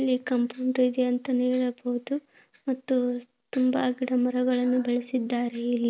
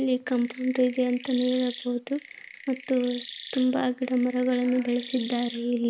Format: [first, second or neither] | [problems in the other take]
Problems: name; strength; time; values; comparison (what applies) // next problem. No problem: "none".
first | background sound (Chirp, tweet); 16 dB below the speech